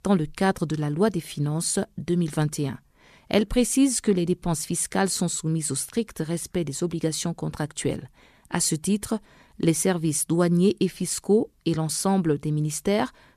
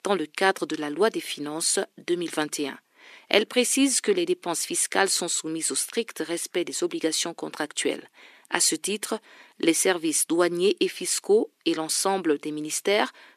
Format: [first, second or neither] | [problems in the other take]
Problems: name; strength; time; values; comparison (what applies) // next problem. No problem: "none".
first | thin; somewhat; fading below 300 Hz